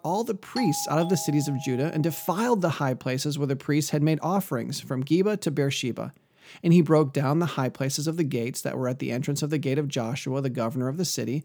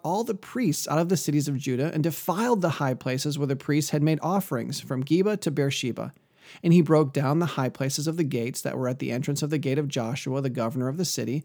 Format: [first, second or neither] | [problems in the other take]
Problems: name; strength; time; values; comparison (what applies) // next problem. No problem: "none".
second | doorbell; noticeable; from 0.5 to 2 s; peak 7 dB below the speech